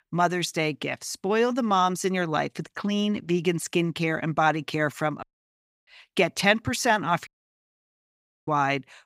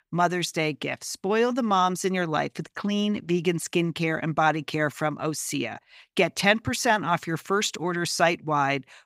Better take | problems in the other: second | audio cutting out; at 5 s for 0.5 s and at 7.5 s for 1 s

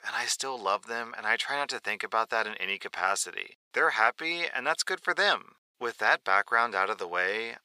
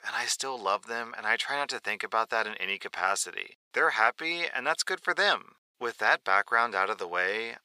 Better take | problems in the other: neither | thin; very; fading below 800 Hz; the same in both

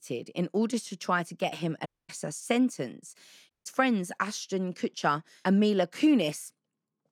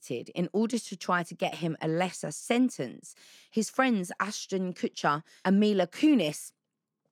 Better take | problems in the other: second | audio cutting out; at 2 s and at 3.5 s

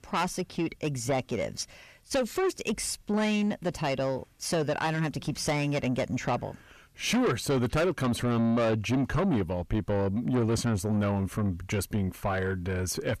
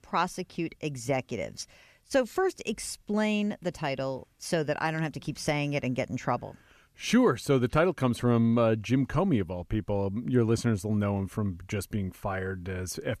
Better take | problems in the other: second | distortion; heavy; 7 dB below the speech

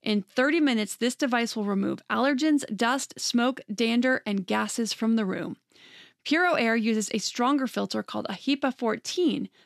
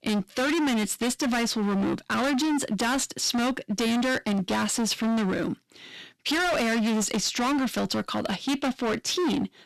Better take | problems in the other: first | distortion; heavy; 34% of the sound clipped

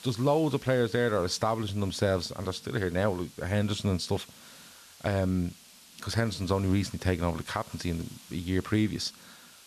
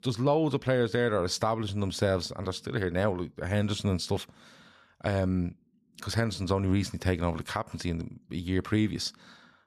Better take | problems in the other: second | hiss; faint; throughout; 20 dB below the speech

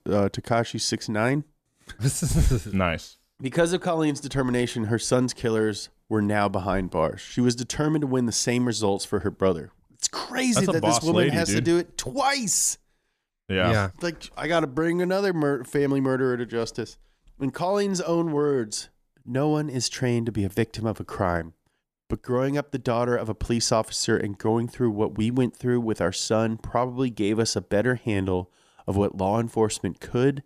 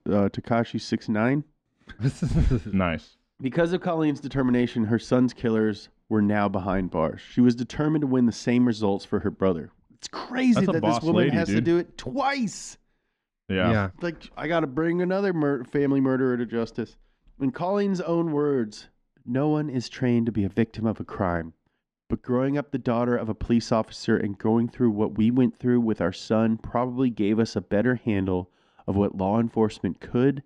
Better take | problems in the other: first | muffled; slightly; fading above 3 kHz

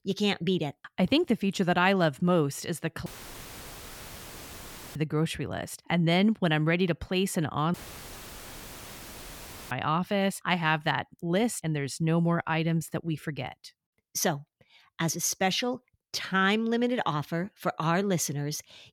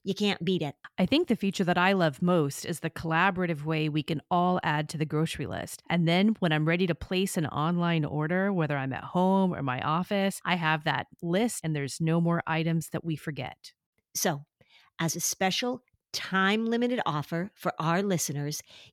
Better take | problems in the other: second | audio cutting out; filled with static; at 3 s for 2 s and at 7.5 s for 2 s

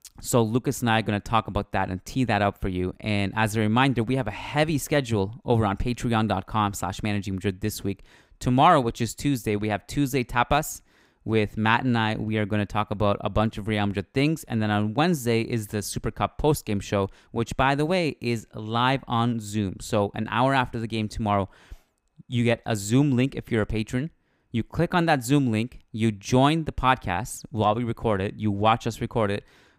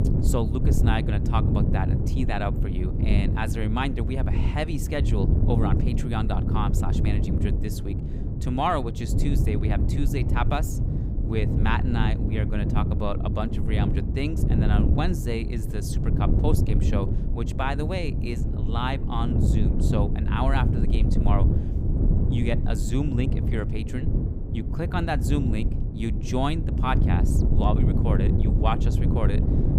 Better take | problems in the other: first | wind noise on the microphone; heavy; 5 dB below the speech

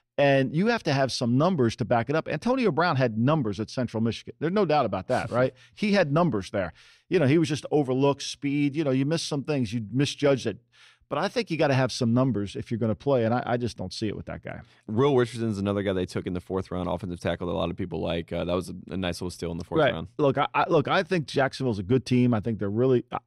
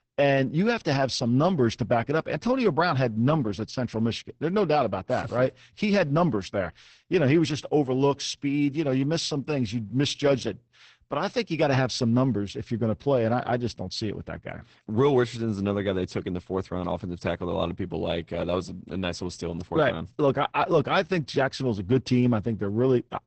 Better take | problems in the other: first | garbled, watery; badly; nothing above 8 kHz

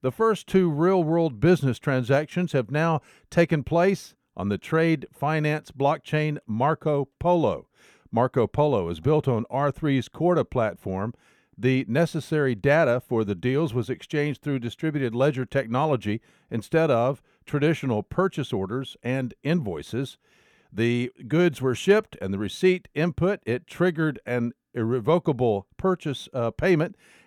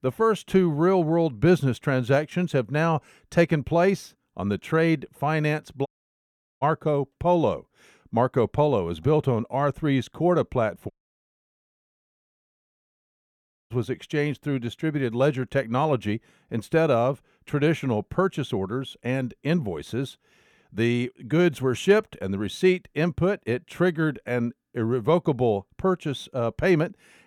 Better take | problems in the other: first | audio cutting out; at 6 s for 1 s and at 11 s for 3 s

